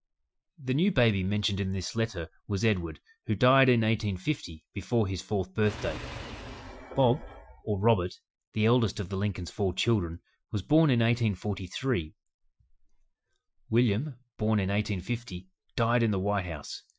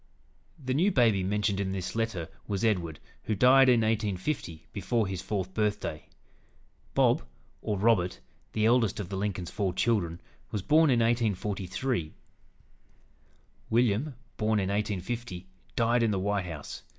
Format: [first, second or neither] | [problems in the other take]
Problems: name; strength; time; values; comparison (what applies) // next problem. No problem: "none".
second | noise reduction (classical method Wiener filter)